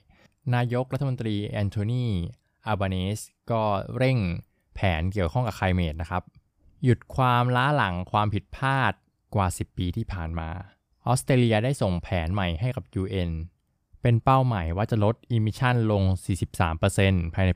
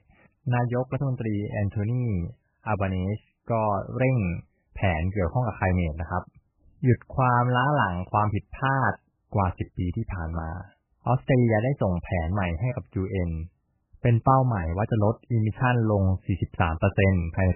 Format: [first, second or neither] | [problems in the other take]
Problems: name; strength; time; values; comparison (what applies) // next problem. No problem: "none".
first | garbled, watery; badly; nothing above 3 kHz